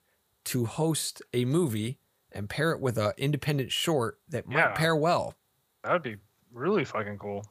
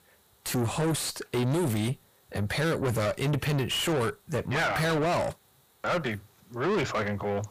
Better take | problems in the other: first | distortion; heavy; 5 dB below the speech

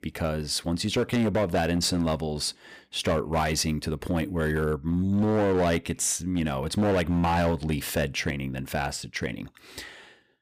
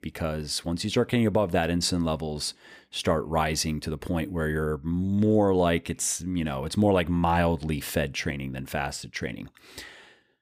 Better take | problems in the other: second | distortion; slight; 8% of the sound clipped

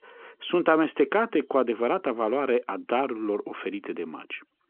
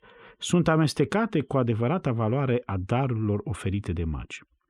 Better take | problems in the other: second | phone-call audio; nothing above 3.5 kHz

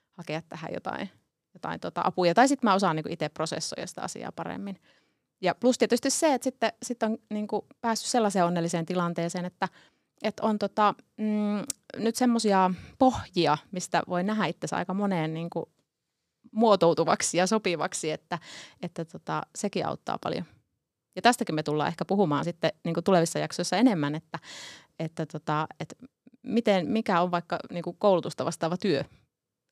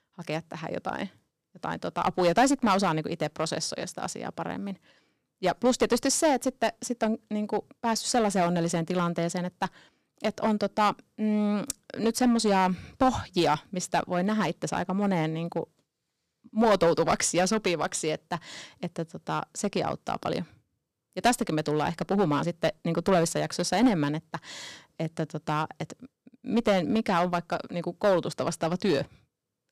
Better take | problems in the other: first | distortion; slight; 3% of the sound clipped

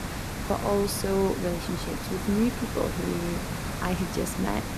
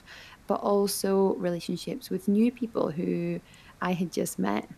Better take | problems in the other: second | hiss; loud; throughout; 4 dB below the speech; faint in the second

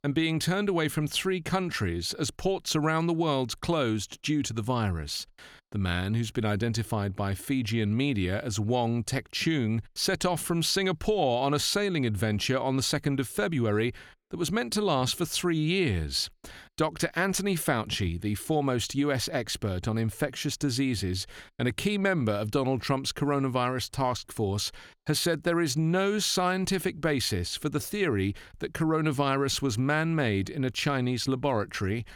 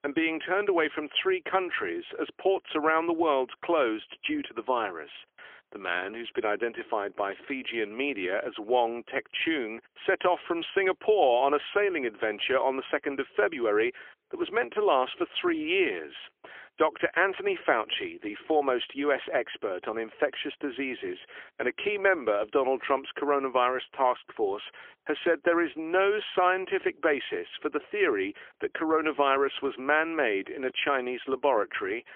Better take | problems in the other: first | phone-call audio; poor line; nothing above 3.5 kHz

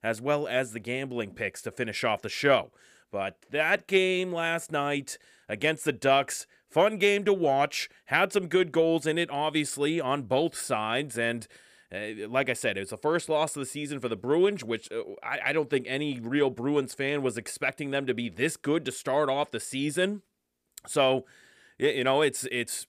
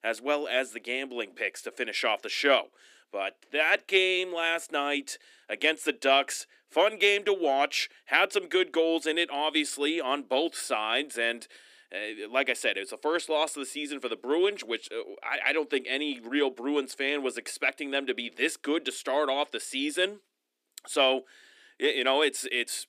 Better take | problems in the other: first | thin; very slightly; fading below 250 Hz

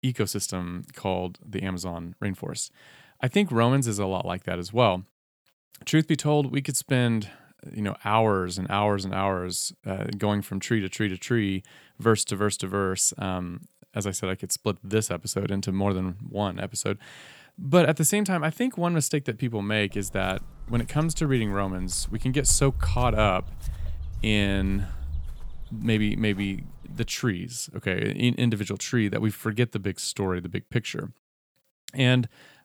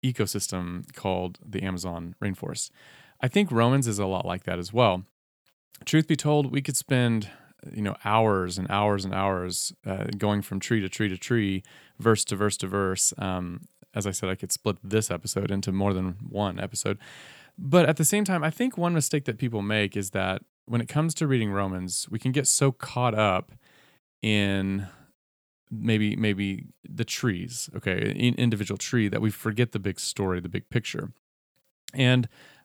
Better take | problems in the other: second | footsteps; noticeable; from 20 to 27 s; peak 3 dB below the speech

